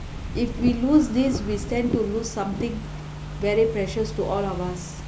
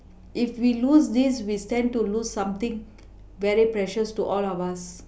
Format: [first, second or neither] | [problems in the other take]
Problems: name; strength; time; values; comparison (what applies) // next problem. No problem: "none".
second | background sound (Fireworks / Ocean + Microwave oven); 7 dB below the speech